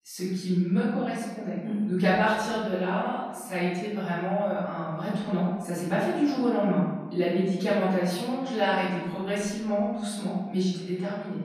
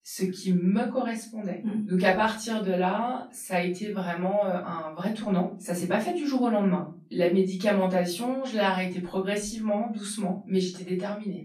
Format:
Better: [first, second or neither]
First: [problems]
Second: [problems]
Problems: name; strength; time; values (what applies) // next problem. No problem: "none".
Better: second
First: room echo; strong; dies away in 1.3 s // off-mic speech; far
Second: room echo; slight; dies away in 0.3 s // off-mic speech; far